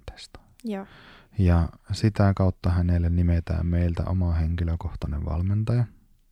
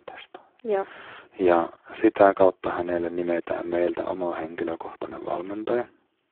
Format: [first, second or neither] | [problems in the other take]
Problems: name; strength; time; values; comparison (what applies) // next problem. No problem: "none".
first | phone-call audio; poor line; nothing above 3.5 kHz